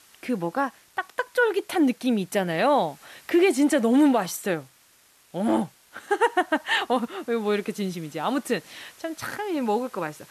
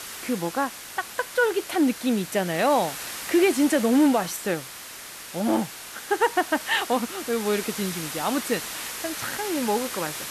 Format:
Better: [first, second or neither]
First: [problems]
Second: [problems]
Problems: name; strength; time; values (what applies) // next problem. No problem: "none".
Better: first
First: hiss; faint; throughout; 25 dB below the speech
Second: hiss; loud; throughout; 9 dB below the speech